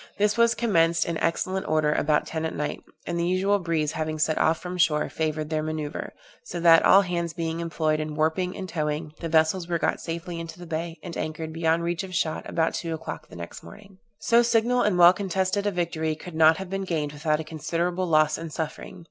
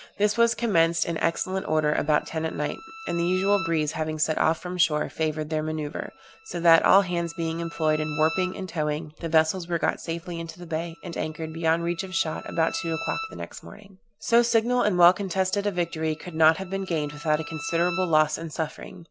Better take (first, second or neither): first